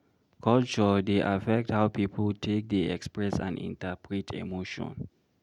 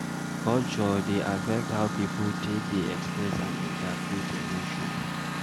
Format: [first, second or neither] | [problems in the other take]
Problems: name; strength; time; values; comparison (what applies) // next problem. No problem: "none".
first | background sound (Engine); 1 dB below the speech